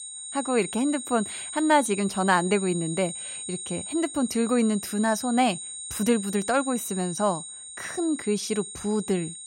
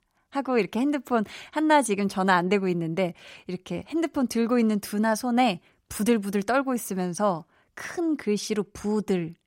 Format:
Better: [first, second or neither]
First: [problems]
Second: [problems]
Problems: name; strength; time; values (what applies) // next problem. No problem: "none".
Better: second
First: high-pitched whine; loud; throughout; 8.5 kHz, 8 dB below the speech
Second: none